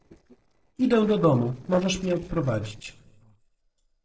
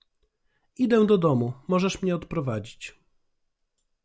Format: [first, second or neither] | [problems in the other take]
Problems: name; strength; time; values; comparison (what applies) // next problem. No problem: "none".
second | noise reduction (neural separator model SepFormer DNS4)